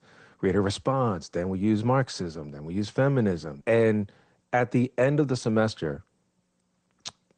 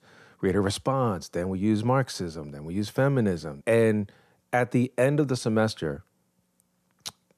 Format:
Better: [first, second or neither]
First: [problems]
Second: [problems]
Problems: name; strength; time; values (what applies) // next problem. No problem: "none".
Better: second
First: garbled, watery; slightly; nothing above 8.5 kHz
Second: none